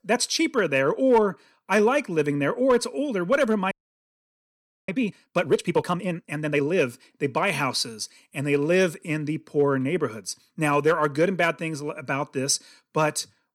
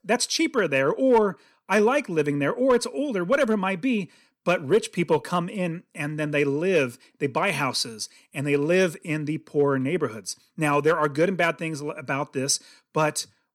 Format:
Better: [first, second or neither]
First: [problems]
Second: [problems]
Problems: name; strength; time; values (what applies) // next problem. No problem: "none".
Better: second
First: audio freezing; at 3.5 s for 1 s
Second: none